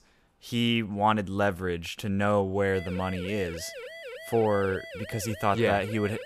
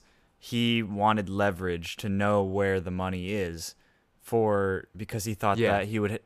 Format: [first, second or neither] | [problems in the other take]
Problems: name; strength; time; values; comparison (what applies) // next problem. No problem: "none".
second | siren; faint; from 2.5 s on; peak 10 dB below the speech